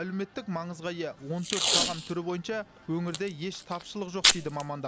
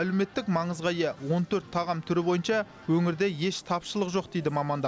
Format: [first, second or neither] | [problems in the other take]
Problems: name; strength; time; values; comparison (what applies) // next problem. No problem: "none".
second | background sound (Packing tape, duct tape); 3 dB above the speech